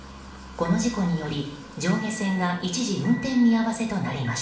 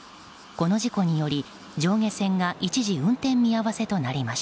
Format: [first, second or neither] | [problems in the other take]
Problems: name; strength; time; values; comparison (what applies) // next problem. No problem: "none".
second | background sound (Motor vehicle (road) / Engine); 16 dB below the speech // room echo; dies away in 0.6 s